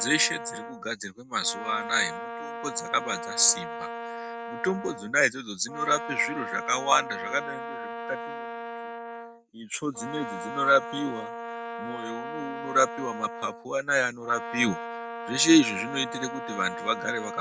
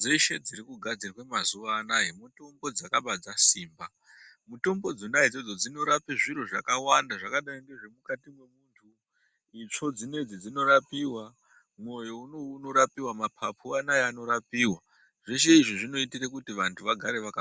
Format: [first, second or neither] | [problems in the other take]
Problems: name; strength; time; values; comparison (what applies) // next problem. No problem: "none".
second | background sound (Brass instrument); 8 dB below the speech